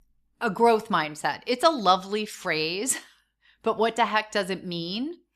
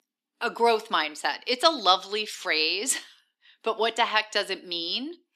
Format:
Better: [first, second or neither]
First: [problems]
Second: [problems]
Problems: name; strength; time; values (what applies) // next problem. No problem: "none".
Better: first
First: none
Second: thin; very slightly; fading below 250 Hz